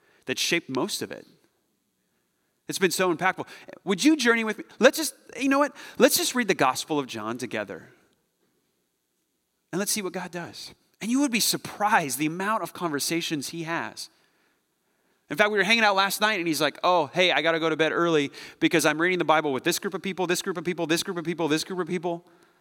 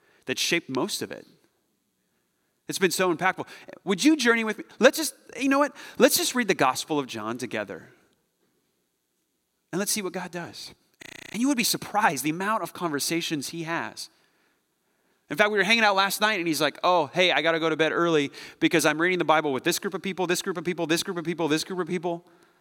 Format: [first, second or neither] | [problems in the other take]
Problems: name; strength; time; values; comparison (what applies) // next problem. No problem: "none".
first | audio freezing; at 11 s